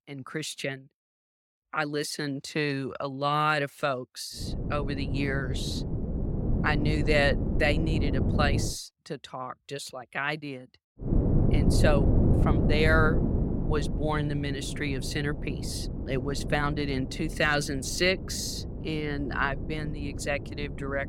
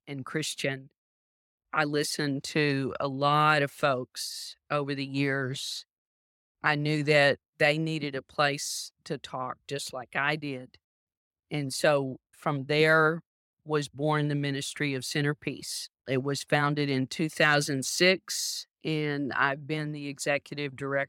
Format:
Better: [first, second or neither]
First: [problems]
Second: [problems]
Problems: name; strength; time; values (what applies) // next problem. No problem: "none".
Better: second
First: wind noise on the microphone; heavy; from 4.5 to 8.5 s and from 11 s on; 8 dB below the speech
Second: none